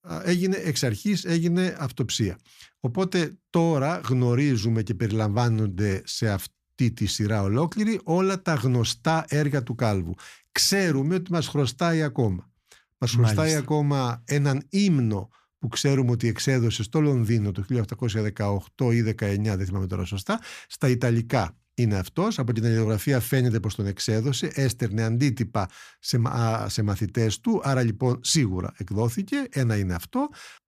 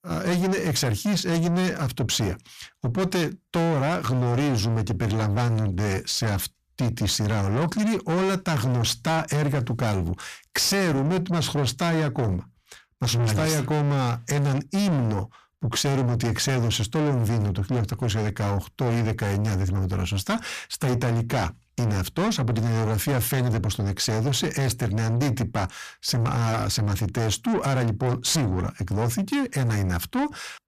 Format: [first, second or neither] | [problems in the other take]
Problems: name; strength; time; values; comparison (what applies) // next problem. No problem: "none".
first | distortion; heavy; 6 dB below the speech